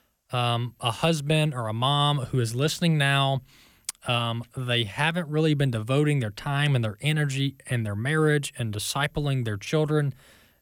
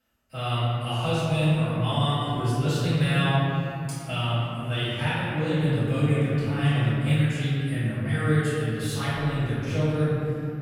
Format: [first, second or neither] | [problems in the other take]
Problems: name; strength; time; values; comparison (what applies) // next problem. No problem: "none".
first | off-mic speech; far // room echo; strong; dies away in 3 s